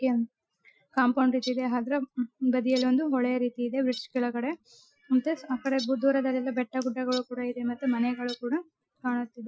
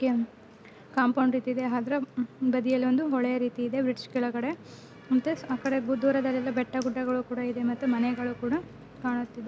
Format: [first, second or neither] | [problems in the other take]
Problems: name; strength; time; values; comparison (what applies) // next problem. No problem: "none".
second | noise reduction (classical method Wiener filter)